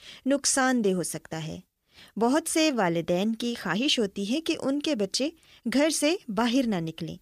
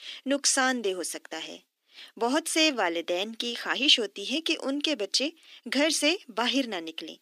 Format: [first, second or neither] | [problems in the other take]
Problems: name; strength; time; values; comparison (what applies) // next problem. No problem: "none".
first | thin; very slightly; fading below 250 Hz